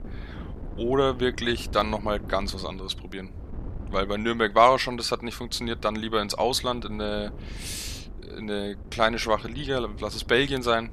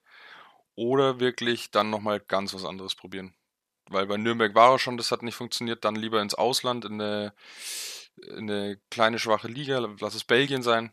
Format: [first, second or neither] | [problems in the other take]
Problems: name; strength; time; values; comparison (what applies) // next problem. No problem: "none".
second | wind noise on the microphone; occasional gusts; 25 dB below the speech